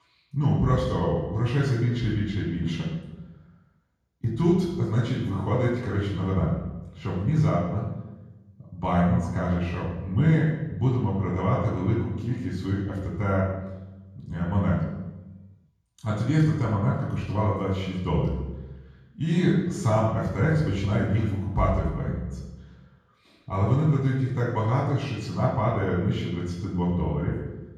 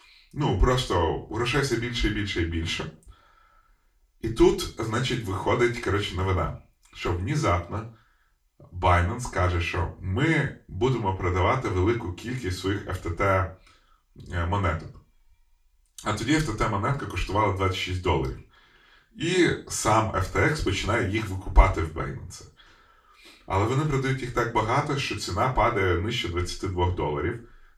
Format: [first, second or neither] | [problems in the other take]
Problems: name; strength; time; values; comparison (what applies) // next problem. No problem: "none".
second | room echo; strong; dies away in 1.3 s; slight in the second // off-mic speech; far; far in the second